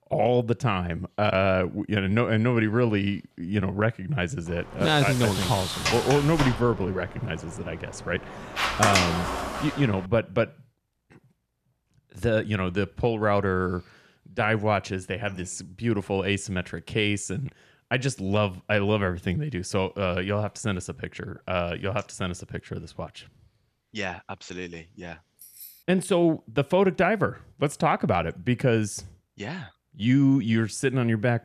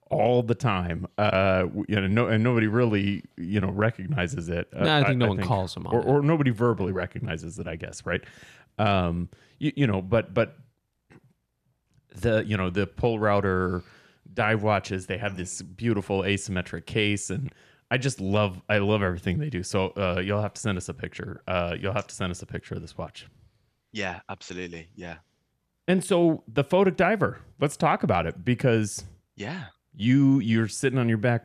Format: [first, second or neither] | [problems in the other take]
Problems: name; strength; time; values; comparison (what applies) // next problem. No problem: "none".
second | door banging; loud; from 5 to 10 s; peak 4 dB above the speech // jangling keys; faint; at 25 s; peak 15 dB below the speech